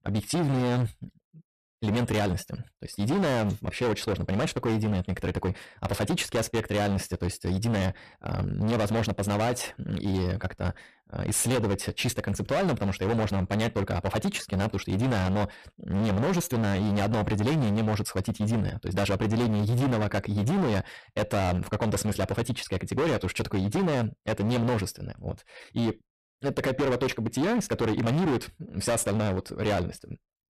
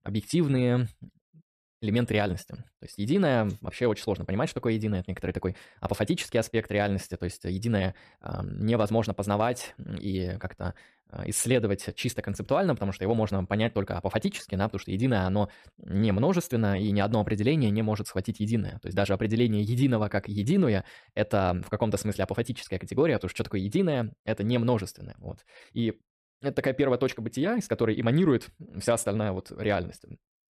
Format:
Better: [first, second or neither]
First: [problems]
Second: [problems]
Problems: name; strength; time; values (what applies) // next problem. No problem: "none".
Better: second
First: distortion; heavy; 22% of the sound clipped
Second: none